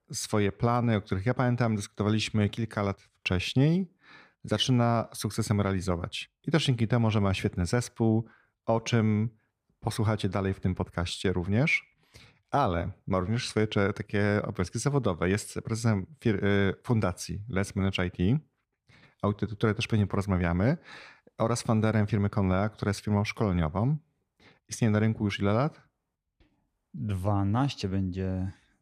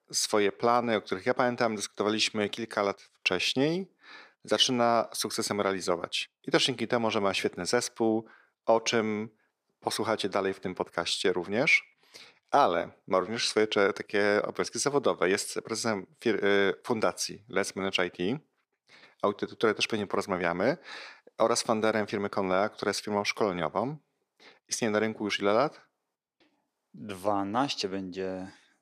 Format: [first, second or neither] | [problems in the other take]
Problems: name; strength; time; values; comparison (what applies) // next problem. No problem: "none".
first | thin; somewhat; fading below 400 Hz